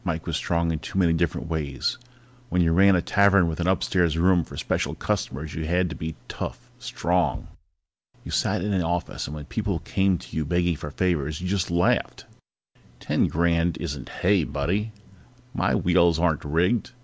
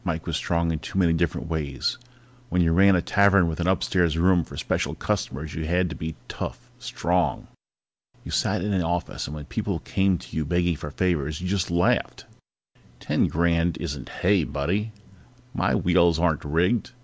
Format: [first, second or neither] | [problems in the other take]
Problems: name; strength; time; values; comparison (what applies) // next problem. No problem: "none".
second | background sound (Bass drum); 18 dB below the speech